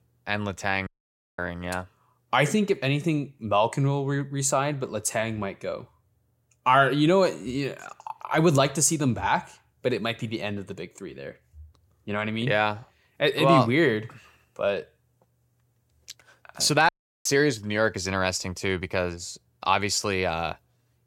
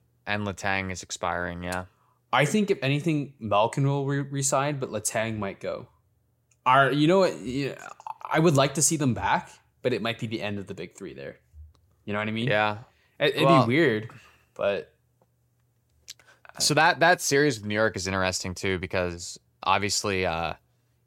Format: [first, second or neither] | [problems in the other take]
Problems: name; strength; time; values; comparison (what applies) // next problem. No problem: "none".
second | audio cutting out; at 1 s for 0.5 s and at 17 s